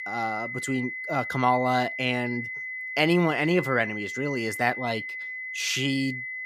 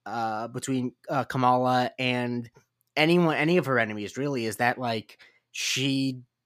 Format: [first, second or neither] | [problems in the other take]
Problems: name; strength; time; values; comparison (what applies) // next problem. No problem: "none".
second | high-pitched whine; loud; throughout; 2 kHz, 6 dB below the speech